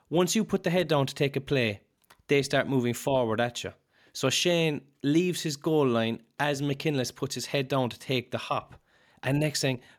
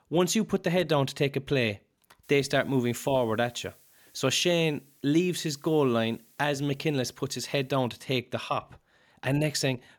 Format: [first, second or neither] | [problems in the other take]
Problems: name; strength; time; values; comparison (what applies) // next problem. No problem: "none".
first | hiss; faint; from 2 to 8 s; 30 dB below the speech